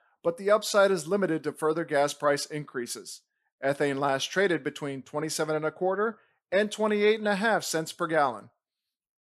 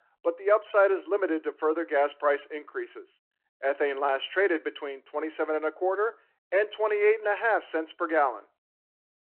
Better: first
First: none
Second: phone-call audio

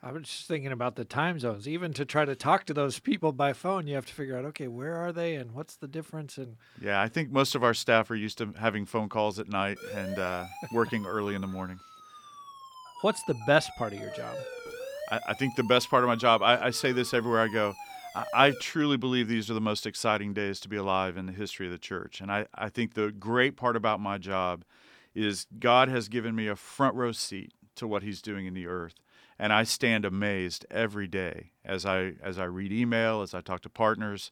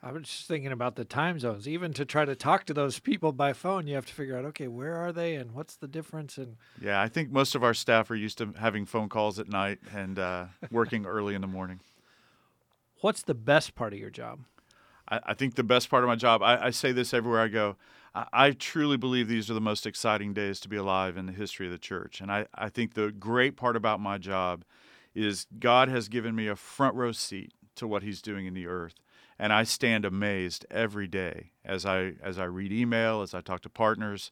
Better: second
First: siren; noticeable; from 10 to 19 s; peak 10 dB below the speech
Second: none

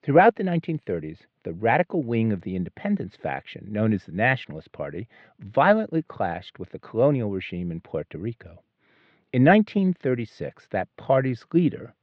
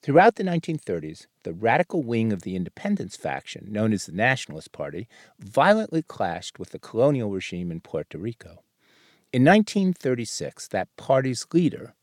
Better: second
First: muffled; very; fading above 3 kHz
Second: none

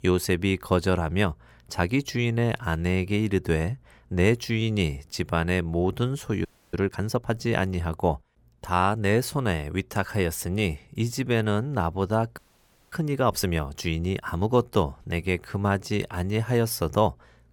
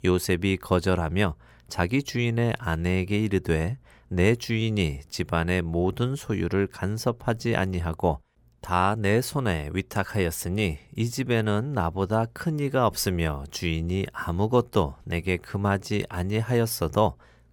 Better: second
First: audio freezing; at 6.5 s and at 12 s for 0.5 s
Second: none

